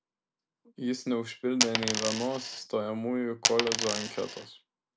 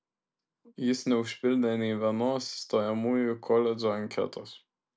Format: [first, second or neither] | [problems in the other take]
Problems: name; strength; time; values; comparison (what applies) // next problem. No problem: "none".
second | background sound (Coin (dropping)); 1 dB above the speech